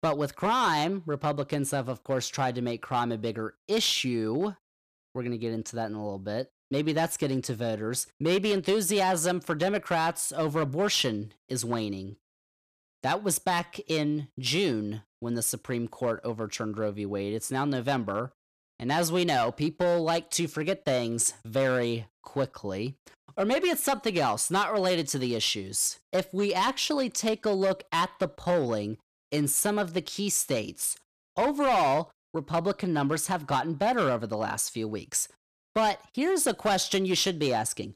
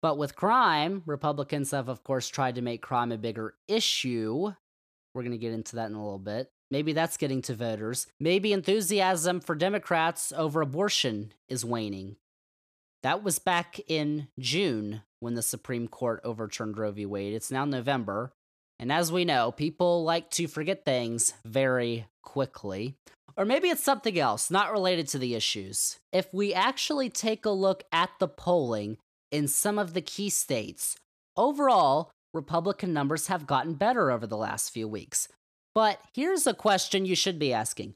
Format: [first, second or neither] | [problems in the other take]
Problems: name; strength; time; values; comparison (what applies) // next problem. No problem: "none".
second | distortion; slight; 5% of the sound clipped